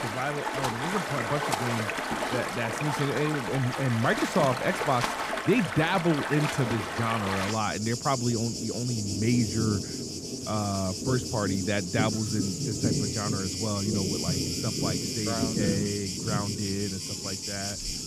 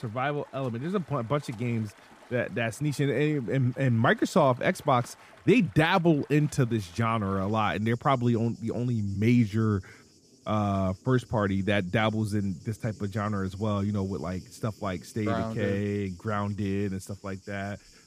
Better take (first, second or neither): second